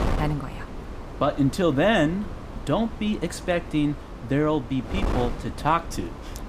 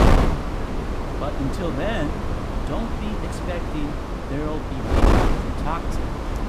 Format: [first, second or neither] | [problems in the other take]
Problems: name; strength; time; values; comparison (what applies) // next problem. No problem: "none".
first | wind noise on the microphone; heavy; 3 dB above the speech; occasional gusts in the first